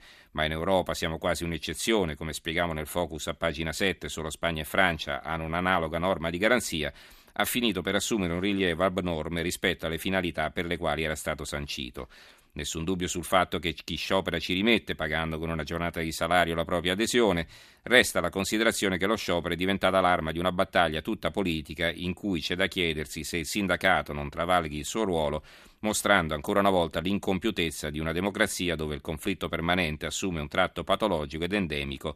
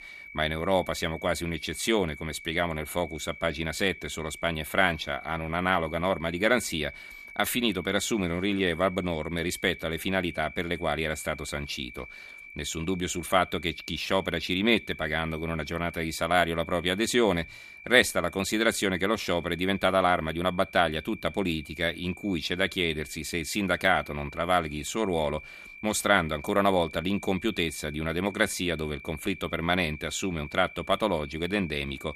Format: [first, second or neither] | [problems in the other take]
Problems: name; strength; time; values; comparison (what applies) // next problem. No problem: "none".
first | high-pitched whine; noticeable; throughout; 2.5 kHz, 15 dB below the speech